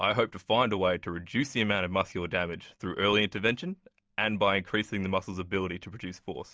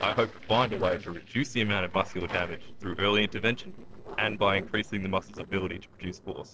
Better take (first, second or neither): first